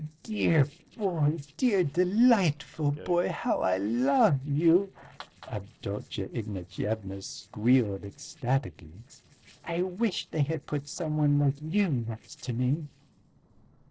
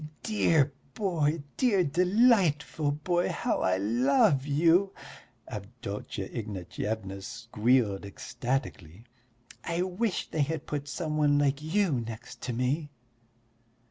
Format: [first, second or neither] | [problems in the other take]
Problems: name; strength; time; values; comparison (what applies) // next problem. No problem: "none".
second | noise reduction (neural separator model SepFormer DNS4)